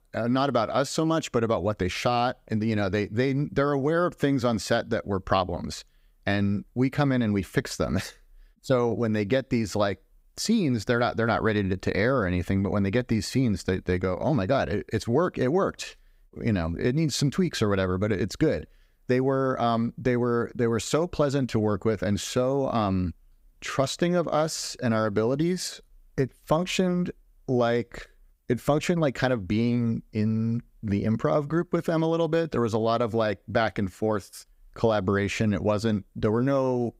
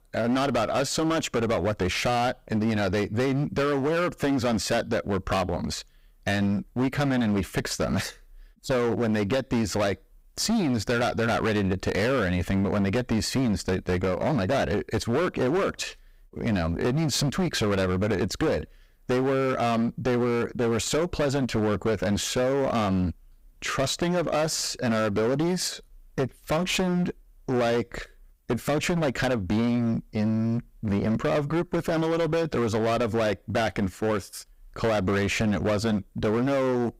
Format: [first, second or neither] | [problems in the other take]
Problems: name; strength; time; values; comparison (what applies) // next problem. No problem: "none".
first | distortion; heavy; 21% of the sound clipped